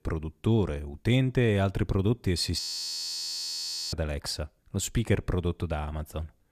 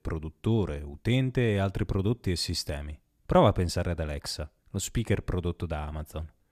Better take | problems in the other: second | audio freezing; at 2.5 s for 1.5 s

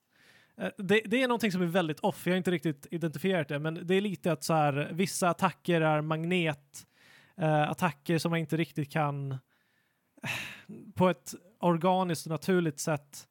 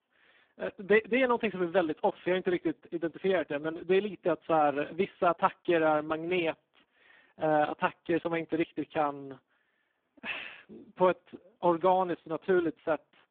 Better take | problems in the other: first | phone-call audio; poor line

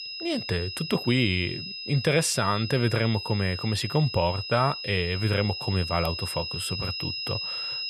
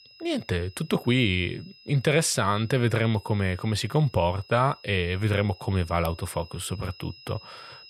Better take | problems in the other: second | high-pitched whine; loud; throughout; 5 kHz, 6 dB below the speech; faint in the second

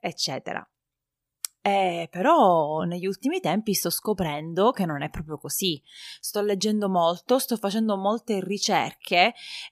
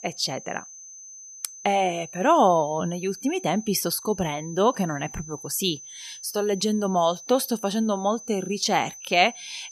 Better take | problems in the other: first | high-pitched whine; noticeable; throughout; 6 kHz, 15 dB below the speech

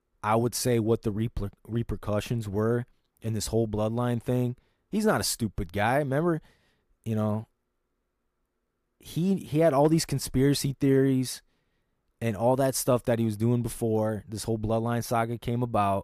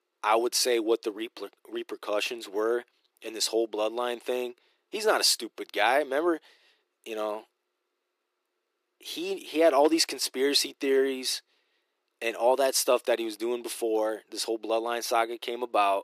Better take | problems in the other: first | thin; very; fading below 350 Hz

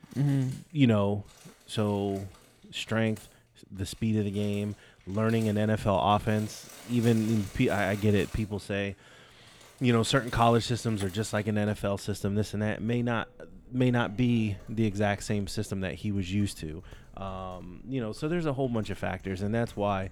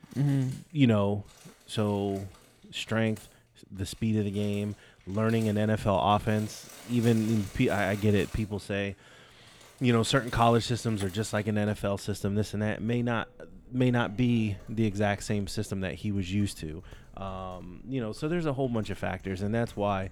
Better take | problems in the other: neither | household noises; faint; throughout; 20 dB below the speech; the same in both

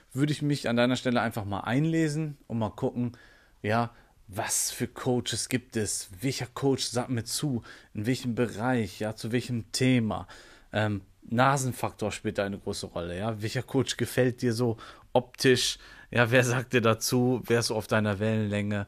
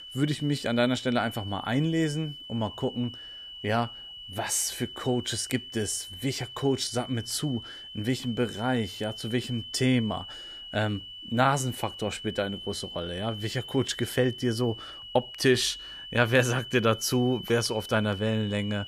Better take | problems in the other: first | high-pitched whine; noticeable; throughout; 3 kHz, 10 dB below the speech

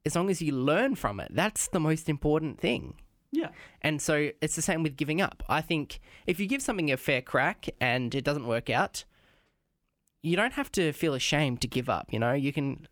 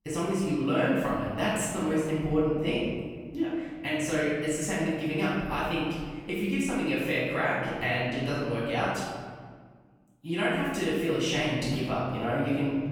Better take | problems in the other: first | room echo; strong; dies away in 1.6 s // off-mic speech; far

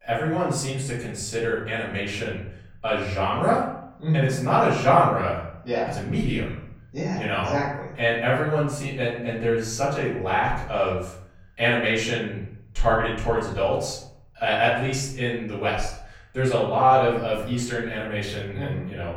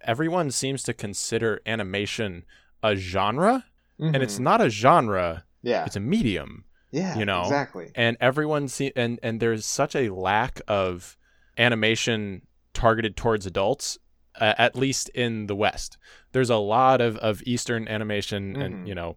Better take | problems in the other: second | room echo; noticeable; dies away in 0.7 s // off-mic speech; far

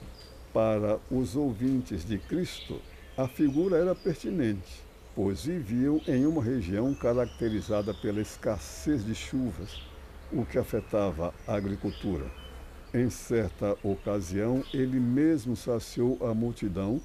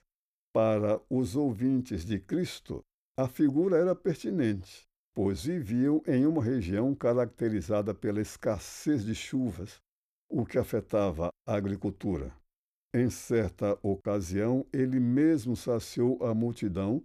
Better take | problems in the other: second | animal sounds; noticeable; throughout; 20 dB below the speech

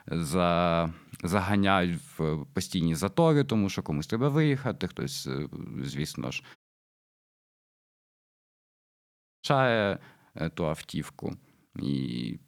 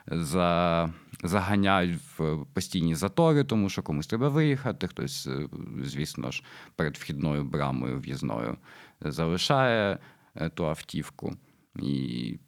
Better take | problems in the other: second | audio cutting out; at 6.5 s for 3 s

